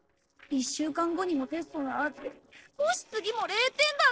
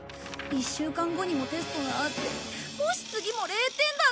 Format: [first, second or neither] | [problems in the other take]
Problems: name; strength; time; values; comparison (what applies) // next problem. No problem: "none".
second | noise reduction (neural separator model SepFormer DNS4)